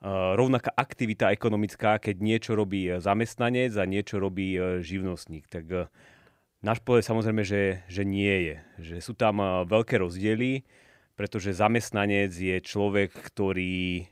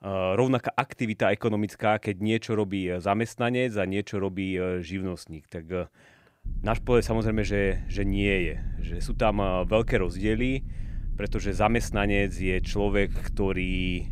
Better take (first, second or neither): first